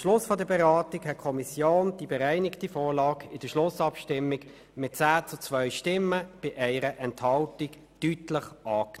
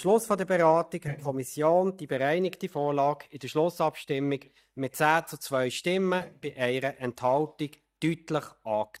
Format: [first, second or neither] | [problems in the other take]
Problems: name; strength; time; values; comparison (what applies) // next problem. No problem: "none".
first | noise reduction (neural mask model DeepFilterNet 3)